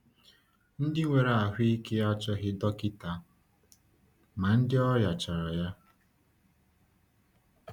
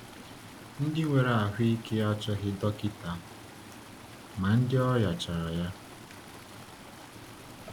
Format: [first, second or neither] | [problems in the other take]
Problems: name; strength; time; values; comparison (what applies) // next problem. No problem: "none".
first | background sound (Stream); 16 dB below the speech